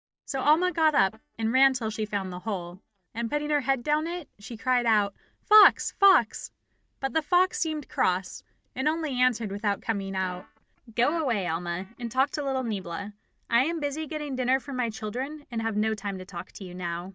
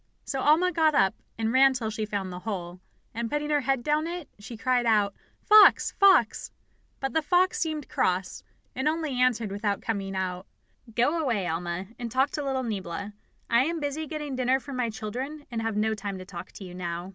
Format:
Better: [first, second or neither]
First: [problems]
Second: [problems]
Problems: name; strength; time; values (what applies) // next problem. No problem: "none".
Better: second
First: noise reduction (neural mask model DeepFilterNet 3)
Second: none